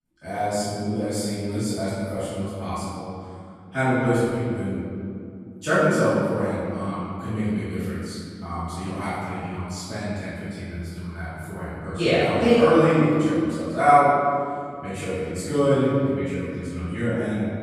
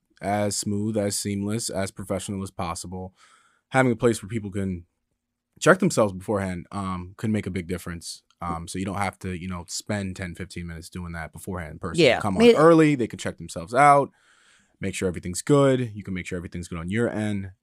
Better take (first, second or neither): second